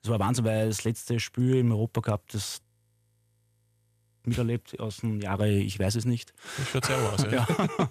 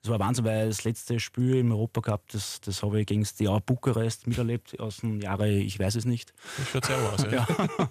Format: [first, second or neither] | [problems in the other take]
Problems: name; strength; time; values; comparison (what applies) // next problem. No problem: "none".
second | audio freezing; at 2.5 s for 1.5 s